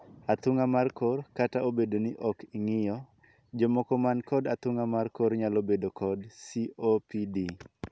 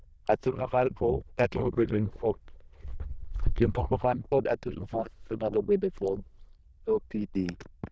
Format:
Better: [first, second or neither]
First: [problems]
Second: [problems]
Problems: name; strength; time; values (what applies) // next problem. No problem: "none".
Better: first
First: none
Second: noise reduction (neural diffusion model UNIVERSE++)